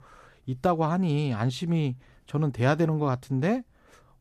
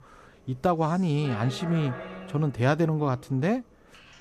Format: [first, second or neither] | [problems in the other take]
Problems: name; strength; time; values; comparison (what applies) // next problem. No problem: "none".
first | household noises; noticeable; throughout; 15 dB below the speech